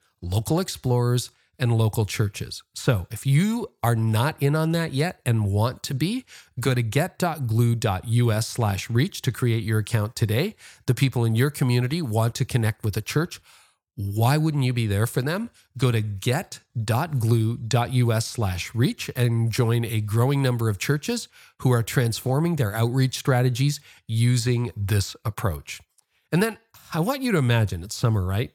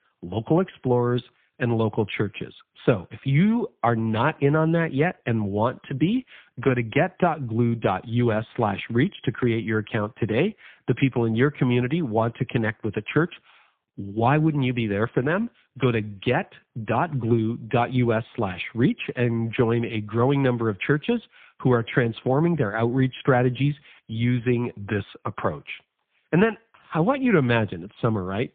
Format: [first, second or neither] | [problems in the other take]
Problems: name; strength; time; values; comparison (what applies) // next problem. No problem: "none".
first | phone-call audio; poor line